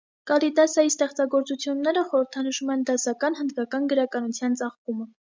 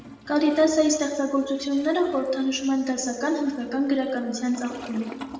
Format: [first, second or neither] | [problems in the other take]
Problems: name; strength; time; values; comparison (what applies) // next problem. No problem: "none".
first | background sound (Toilet flush); 19 dB below the speech // room echo; dies away in 1.1 s